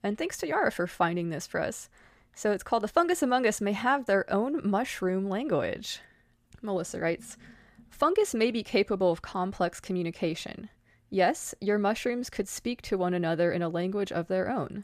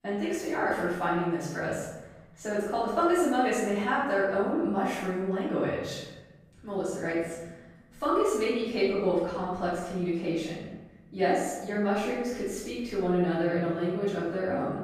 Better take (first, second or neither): first